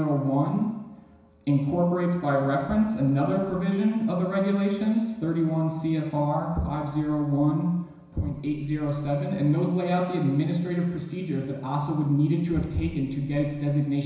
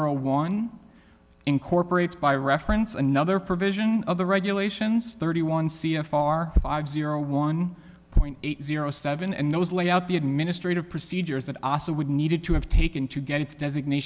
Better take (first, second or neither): second